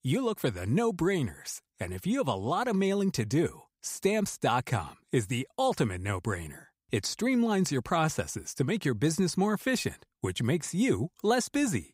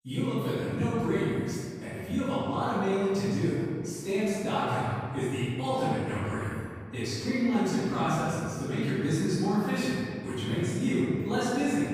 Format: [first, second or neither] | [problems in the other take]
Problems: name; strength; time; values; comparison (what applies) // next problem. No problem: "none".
first | off-mic speech; far // room echo; strong; dies away in 1.9 s